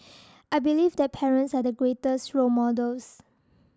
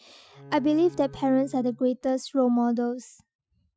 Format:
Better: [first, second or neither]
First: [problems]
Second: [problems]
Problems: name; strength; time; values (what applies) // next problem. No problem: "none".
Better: first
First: none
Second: noise reduction (classical method Wiener filter)